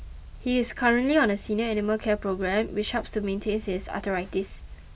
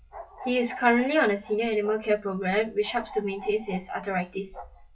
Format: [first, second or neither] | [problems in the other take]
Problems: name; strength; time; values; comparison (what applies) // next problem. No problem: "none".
first | noise reduction (classical method WPE with log-MMSE)